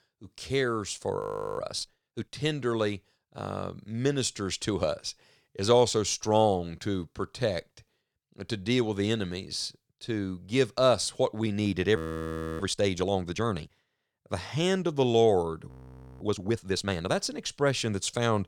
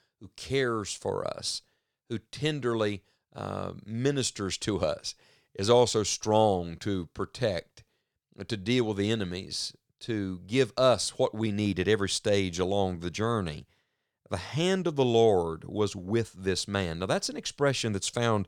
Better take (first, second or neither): second